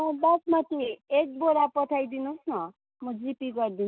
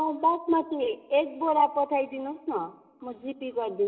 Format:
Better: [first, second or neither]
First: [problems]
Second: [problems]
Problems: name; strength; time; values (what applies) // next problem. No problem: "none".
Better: first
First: none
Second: room echo; dies away in 1.7 s